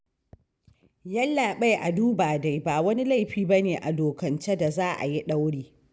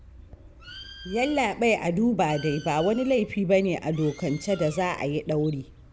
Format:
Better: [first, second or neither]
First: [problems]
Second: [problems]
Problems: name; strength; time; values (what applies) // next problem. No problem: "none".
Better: first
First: none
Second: background sound (Bird); 19 dB below the speech